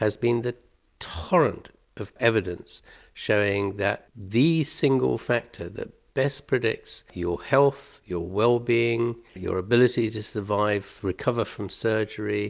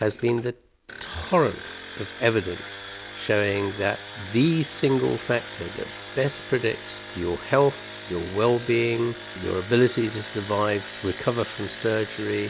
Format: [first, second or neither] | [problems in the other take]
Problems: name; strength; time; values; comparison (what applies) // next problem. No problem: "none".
first | background sound (Engine); 13 dB below the speech